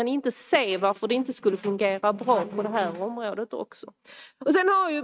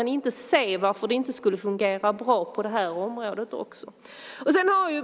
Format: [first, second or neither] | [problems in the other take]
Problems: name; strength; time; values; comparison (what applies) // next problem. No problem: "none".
second | noise reduction (neural mask model RNNoise)